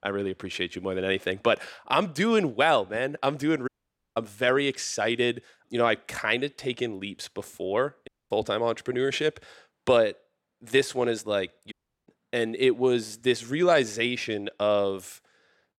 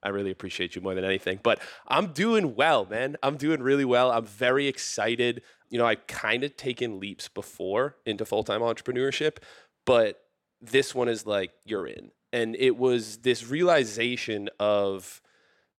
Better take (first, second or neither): second